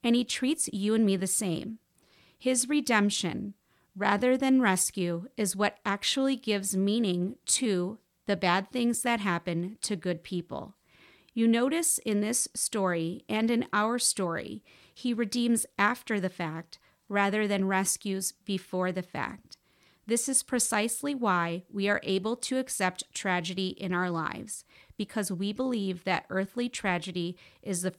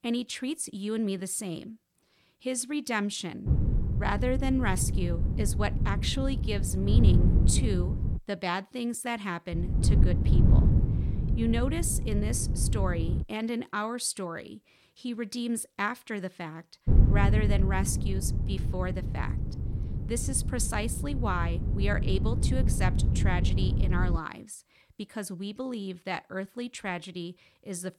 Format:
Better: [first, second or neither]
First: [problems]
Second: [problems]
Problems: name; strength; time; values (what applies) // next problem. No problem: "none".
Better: first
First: none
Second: wind noise on the microphone; heavy; from 3.5 to 8 s, from 9.5 to 13 s and from 17 to 24 s; 7 dB below the speech